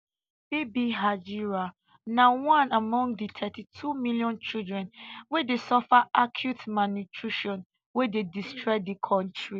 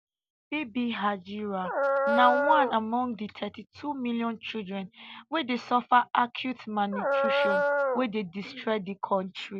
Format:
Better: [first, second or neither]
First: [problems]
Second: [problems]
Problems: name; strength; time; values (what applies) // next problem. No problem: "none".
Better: first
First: none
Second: background sound (Dog); 3 dB above the speech